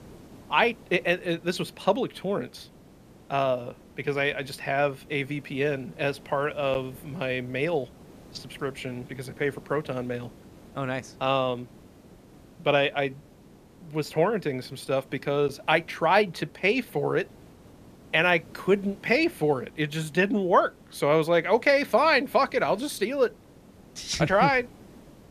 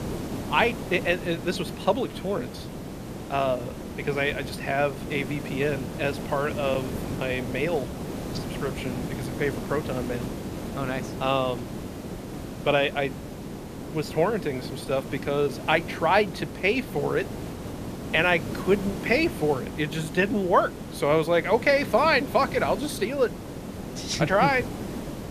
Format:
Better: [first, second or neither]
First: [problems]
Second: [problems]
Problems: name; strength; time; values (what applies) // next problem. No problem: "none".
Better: first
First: hiss; faint; throughout; 25 dB below the speech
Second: hiss; loud; throughout; 9 dB below the speech